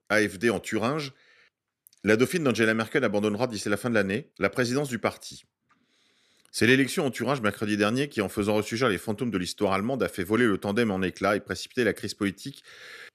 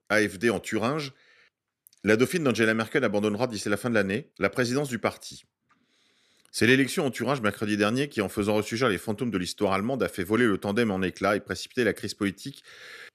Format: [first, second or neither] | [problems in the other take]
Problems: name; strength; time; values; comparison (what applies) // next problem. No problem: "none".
neither | none